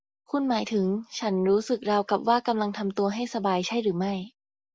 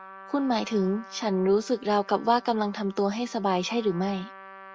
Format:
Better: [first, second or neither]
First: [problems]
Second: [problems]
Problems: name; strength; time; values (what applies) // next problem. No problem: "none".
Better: first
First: none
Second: background sound (Trumpet); 20 dB below the speech